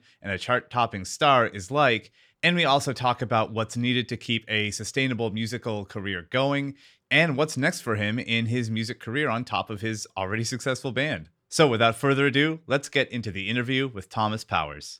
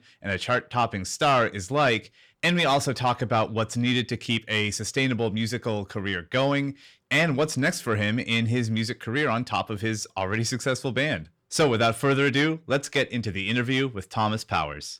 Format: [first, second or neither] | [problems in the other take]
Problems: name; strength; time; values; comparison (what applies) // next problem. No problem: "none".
first | distortion; slight; 10 dB below the speech